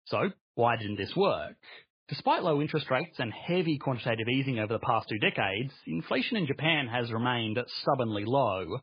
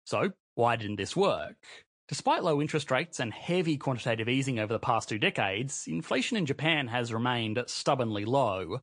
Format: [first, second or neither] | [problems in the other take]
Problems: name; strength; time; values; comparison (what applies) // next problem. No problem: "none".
second | garbled, watery; badly; slightly in the second